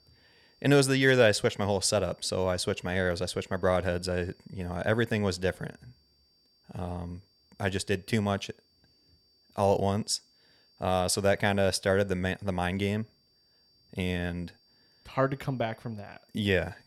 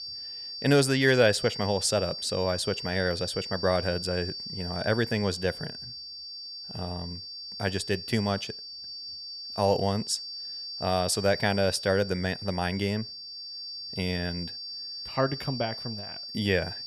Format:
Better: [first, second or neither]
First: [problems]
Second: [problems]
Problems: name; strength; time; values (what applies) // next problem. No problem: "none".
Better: first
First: high-pitched whine; faint; throughout; 4.5 kHz, 35 dB below the speech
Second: high-pitched whine; loud; throughout; 4.5 kHz, 8 dB below the speech